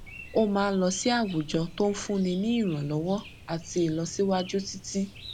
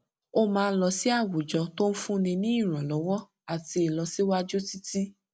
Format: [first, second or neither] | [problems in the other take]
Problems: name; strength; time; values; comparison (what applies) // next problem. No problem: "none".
second | background sound (Chirp, tweet); 17 dB below the speech